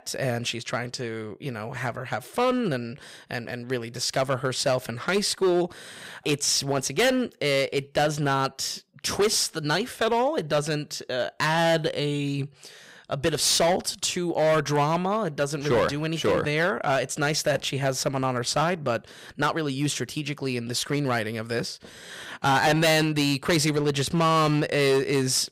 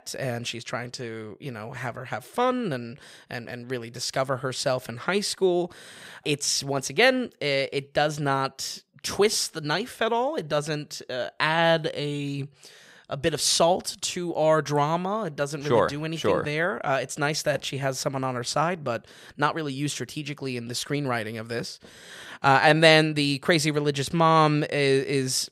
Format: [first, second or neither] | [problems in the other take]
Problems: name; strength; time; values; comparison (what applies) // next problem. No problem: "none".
second | distortion; heavy; 7% of the sound clipped